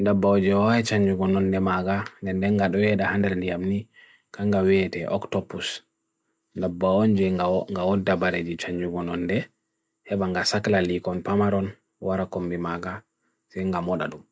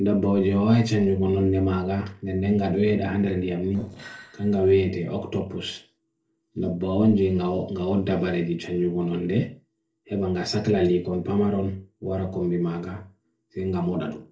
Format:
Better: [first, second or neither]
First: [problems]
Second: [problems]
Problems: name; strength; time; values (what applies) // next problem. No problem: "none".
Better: first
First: none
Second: noise reduction (neural separator model SepFormer DNS4)